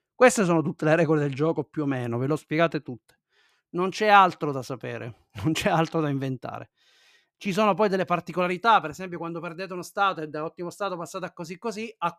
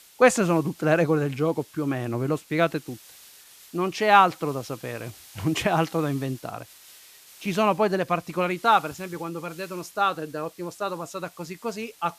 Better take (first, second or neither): first